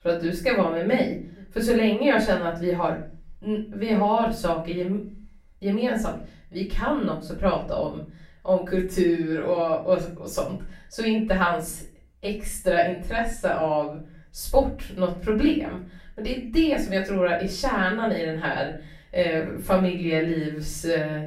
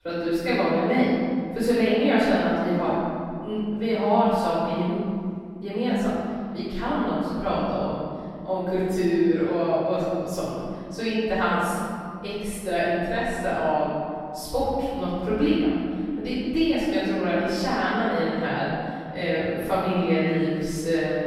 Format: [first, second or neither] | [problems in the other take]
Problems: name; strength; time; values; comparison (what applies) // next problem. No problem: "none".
first | room echo; strong; dies away in 2.3 s; slight in the first // off-mic speech; far; far in the first